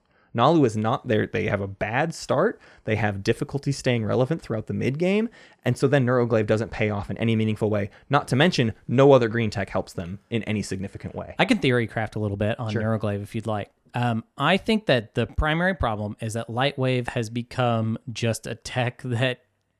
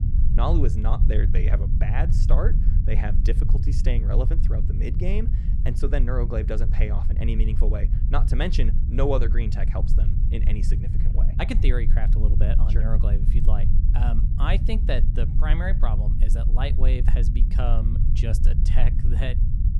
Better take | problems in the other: first | low rumble; loud; throughout; 7 dB below the speech

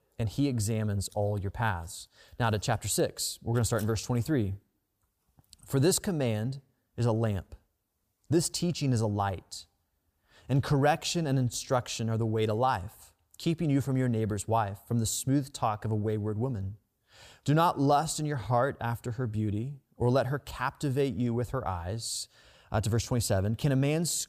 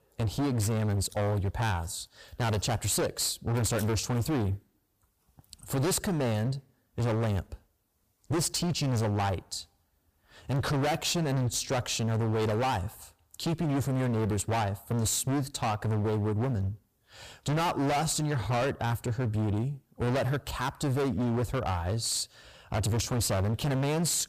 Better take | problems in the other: first | distortion; heavy; 26% of the sound clipped

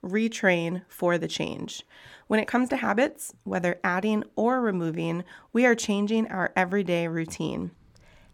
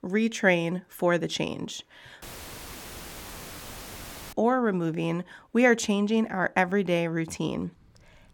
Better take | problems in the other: first | audio cutting out; filled with static; at 2 s for 2 s

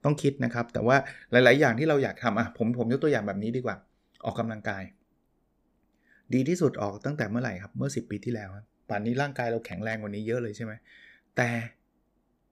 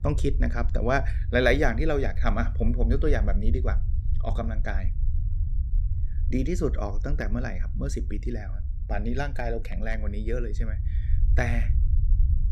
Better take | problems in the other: first | low rumble; noticeable; throughout; 20 dB below the speech

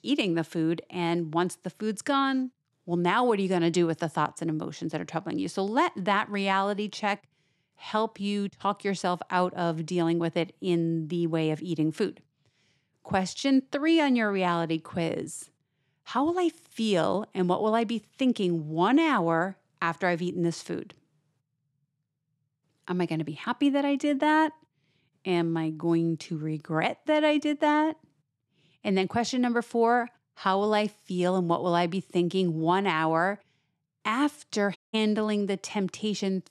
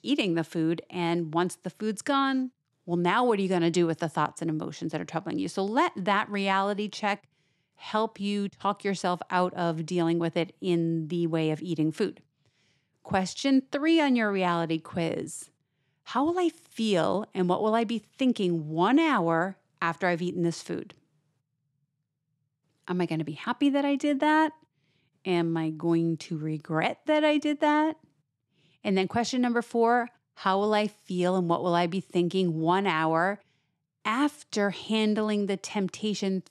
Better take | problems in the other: second | audio cutting out; at 35 s

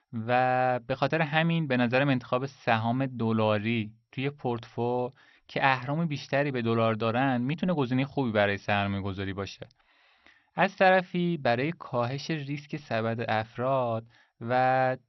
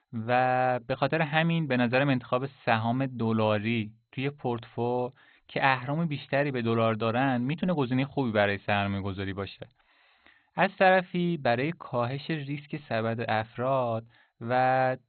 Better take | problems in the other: first | garbled, watery; badly; nothing above 4 kHz; slightly in the first

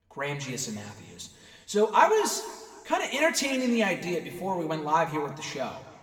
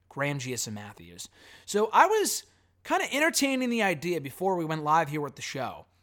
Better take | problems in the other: second | room echo; slight; dies away in 1.5 s // off-mic speech; somewhat distant

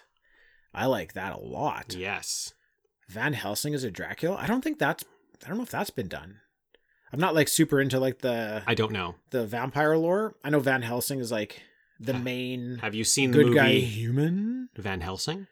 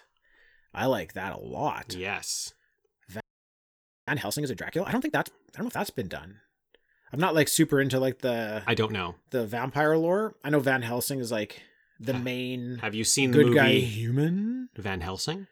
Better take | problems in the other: first | audio freezing; at 3 s for 1 s

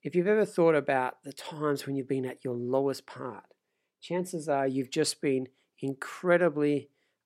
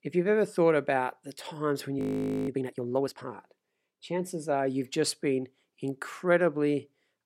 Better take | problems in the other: first | audio freezing; at 2 s

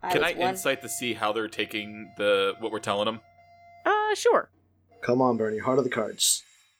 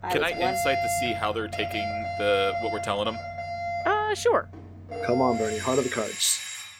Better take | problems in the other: first | alarms or sirens; loud; throughout; 5 dB below the speech; faint in the first

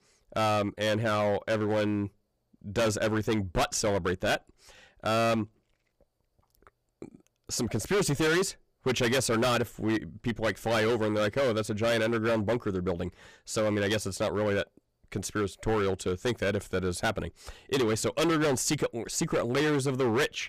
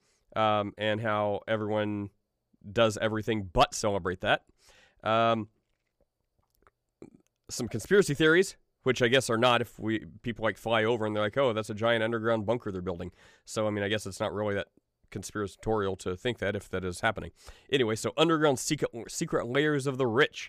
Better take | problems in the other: second | distortion; heavy; 14% of the sound clipped

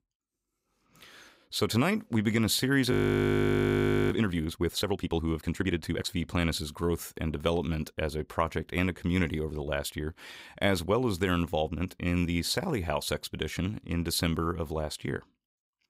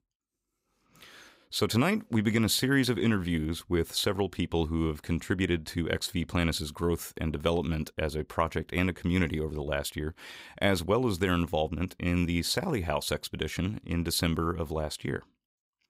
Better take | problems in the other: second | audio freezing; at 3 s for 1 s

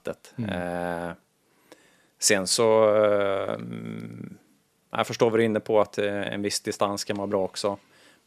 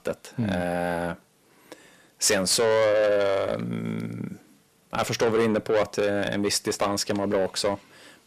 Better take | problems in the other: first | distortion; heavy; 7 dB below the speech

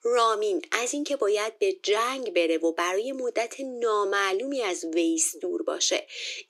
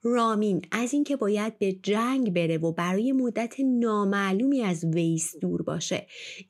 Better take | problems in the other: second | thin; very; fading below 350 Hz

